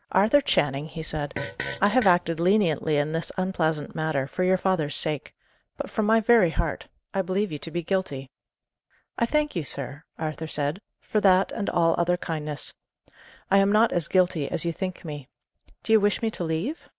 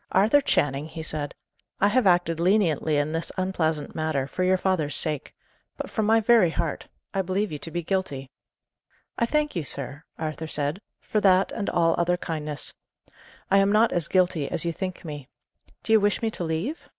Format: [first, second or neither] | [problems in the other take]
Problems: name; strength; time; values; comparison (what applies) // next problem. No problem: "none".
second | background sound (Fart); 11 dB below the speech